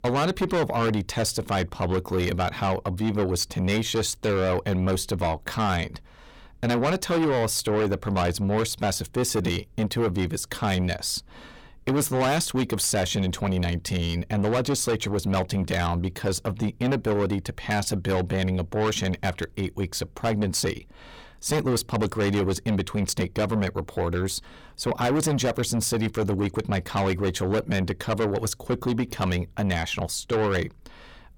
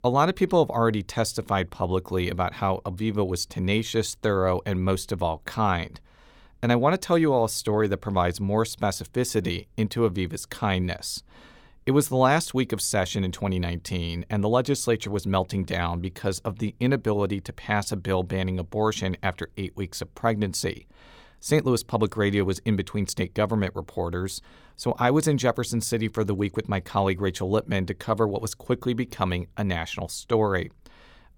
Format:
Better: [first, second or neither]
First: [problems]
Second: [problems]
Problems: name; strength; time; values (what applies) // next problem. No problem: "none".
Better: second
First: distortion; heavy; 6 dB below the speech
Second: none